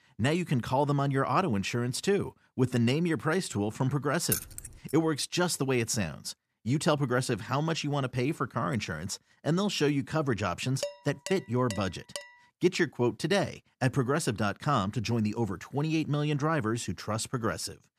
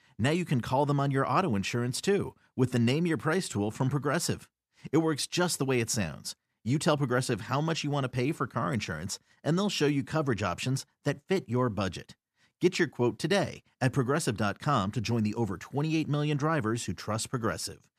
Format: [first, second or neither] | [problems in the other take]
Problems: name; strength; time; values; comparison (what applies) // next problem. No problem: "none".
second | jangling keys; noticeable; at 4.5 s; peak 2 dB below the speech // clattering dishes; noticeable; from 11 to 12 s; peak 9 dB below the speech